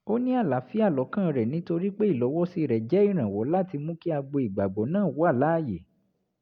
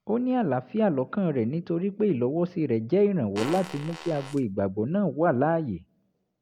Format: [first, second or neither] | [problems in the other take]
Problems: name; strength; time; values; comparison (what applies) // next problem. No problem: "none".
first | background sound (Fart); 13 dB below the speech